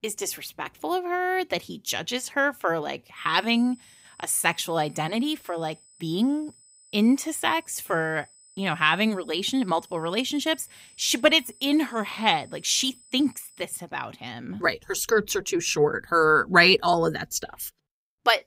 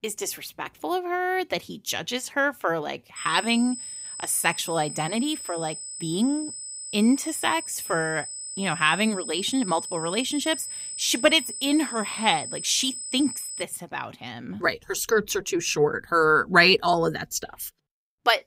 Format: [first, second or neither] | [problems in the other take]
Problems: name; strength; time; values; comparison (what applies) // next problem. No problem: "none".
first | high-pitched whine; loud; from 3 to 14 s; 8 kHz, 8 dB below the speech; faint in the first